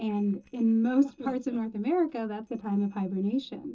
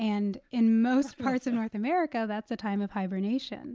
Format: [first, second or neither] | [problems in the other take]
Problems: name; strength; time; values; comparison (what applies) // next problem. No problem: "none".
second | noise reduction (neural separator model SepFormer DNS4)